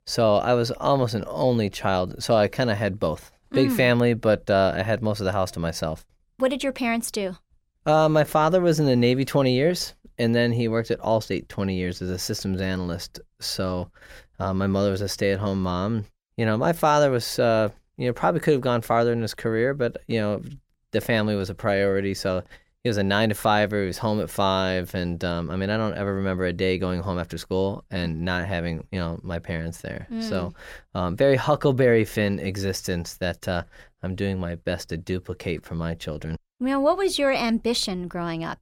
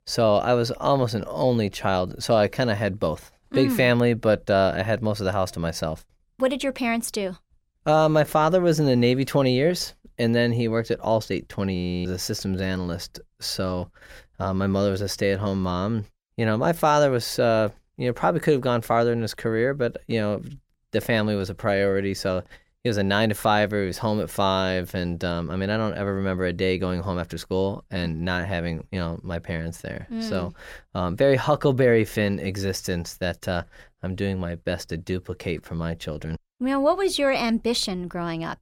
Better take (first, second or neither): first